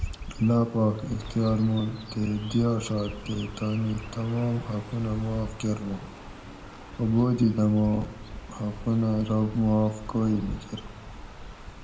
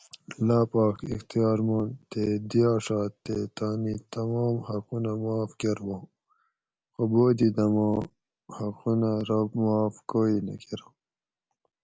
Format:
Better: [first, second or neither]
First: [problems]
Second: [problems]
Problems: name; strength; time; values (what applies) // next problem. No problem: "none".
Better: second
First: background sound (Chirp, tweet); 13 dB below the speech // room echo; dies away in 1.2 s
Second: none